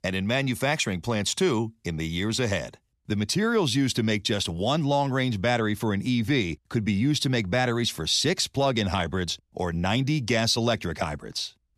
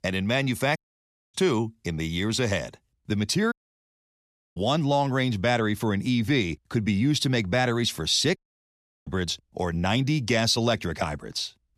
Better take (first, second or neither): first